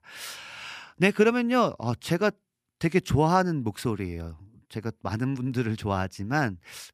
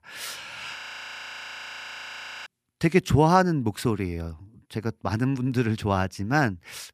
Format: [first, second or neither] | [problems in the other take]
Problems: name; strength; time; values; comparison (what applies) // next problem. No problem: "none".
first | audio freezing; at 1 s for 1.5 s